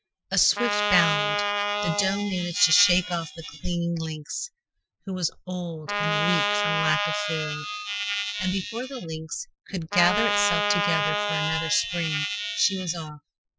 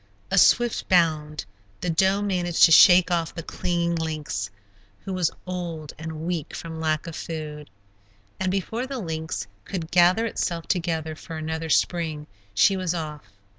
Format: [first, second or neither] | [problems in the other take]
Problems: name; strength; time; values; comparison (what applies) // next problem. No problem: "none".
second | noise reduction (classical method Wiener filter)